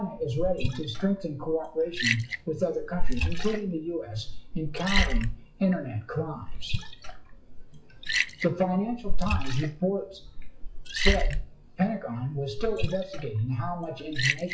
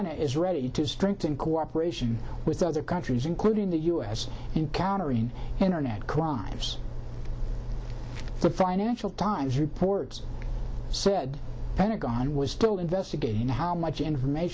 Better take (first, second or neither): second